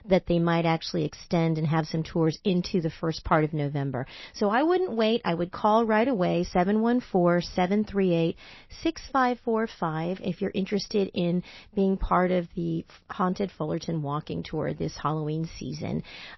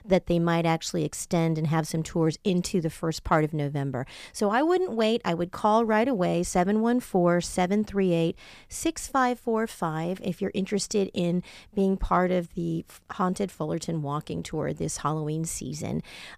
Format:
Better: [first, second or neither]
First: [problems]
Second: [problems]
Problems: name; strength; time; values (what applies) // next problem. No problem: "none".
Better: second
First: garbled, watery; slightly; nothing above 5.5 kHz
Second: none